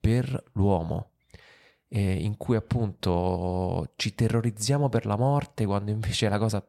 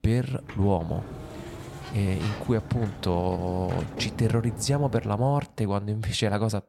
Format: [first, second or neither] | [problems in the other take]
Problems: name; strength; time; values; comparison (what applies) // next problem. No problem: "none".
first | door banging; noticeable; until 5.5 s; peak 8 dB below the speech